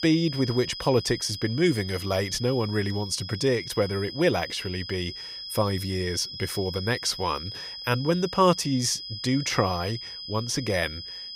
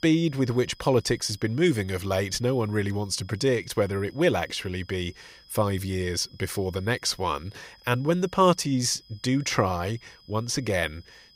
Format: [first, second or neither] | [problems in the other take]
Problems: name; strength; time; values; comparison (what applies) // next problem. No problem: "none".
second | high-pitched whine; loud; throughout; 5 kHz, 9 dB below the speech; faint in the second